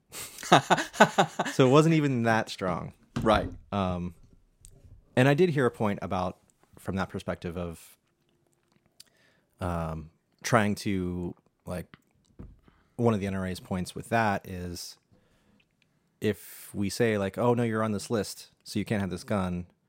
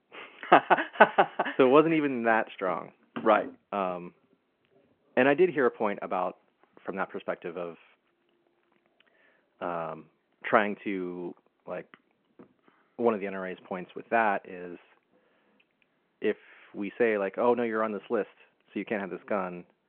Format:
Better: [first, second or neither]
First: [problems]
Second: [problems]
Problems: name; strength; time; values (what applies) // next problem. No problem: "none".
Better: first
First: none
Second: phone-call audio